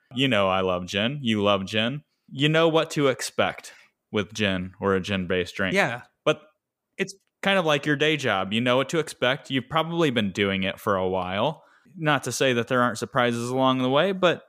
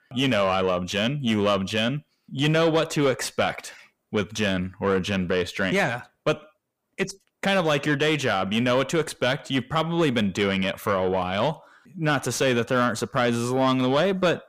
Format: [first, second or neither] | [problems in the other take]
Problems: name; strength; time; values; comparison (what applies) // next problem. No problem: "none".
first | distortion; slight; 10 dB below the speech